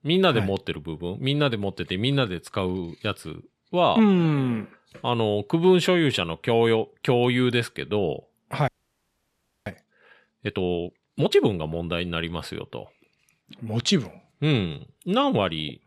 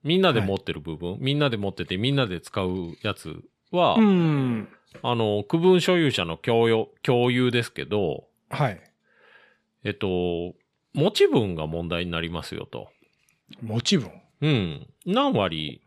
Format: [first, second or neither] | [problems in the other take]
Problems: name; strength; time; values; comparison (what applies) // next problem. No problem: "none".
second | audio freezing; at 8.5 s for 1 s